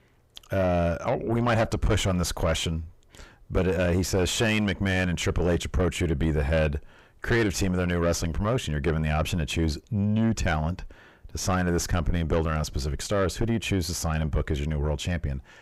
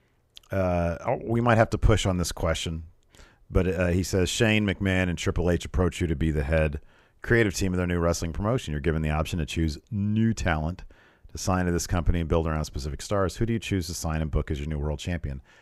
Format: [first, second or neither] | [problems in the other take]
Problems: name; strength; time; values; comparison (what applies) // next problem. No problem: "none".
second | distortion; heavy; 7 dB below the speech